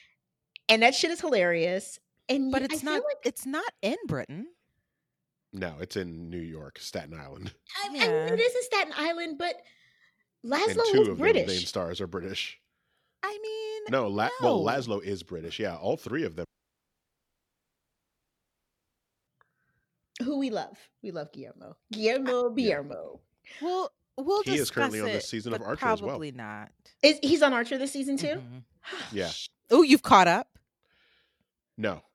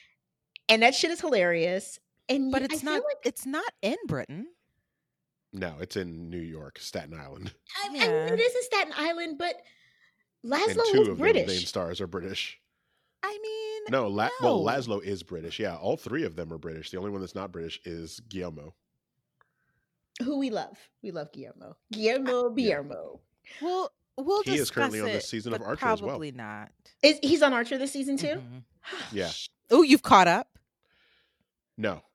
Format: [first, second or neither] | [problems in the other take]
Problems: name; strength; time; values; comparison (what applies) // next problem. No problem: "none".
second | audio cutting out; at 16 s for 3 s